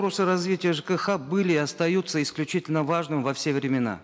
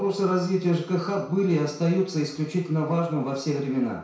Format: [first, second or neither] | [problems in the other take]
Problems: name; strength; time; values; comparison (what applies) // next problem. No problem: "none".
first | room echo; dies away in 0.6 s